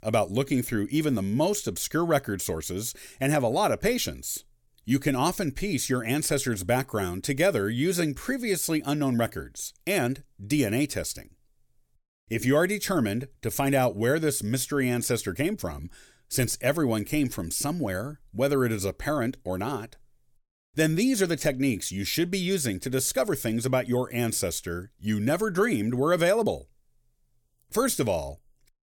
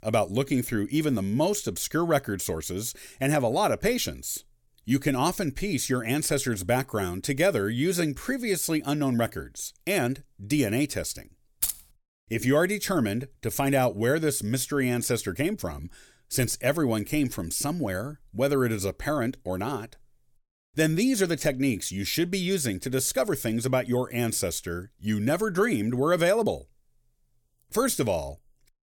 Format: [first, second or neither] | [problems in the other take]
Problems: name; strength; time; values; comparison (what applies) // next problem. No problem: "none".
first | jangling keys; noticeable; at 12 s; peak 1 dB below the speech